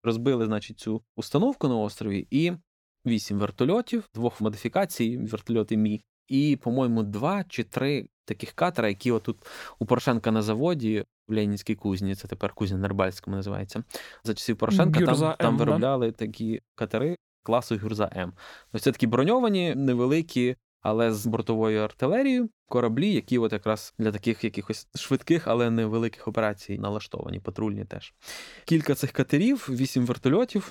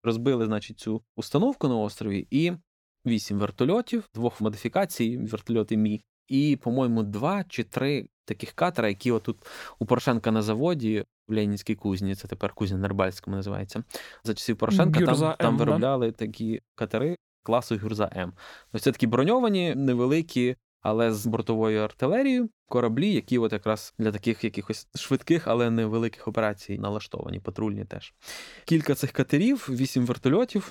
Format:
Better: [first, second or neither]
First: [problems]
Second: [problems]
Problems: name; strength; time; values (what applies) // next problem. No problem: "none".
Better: neither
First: none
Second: none